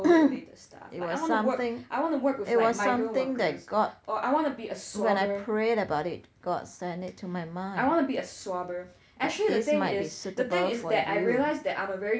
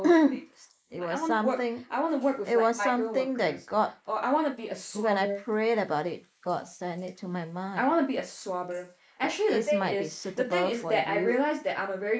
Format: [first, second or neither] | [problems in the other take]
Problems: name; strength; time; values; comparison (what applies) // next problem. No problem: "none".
first | noise reduction (neural mask model Resemble Enhance denoiser)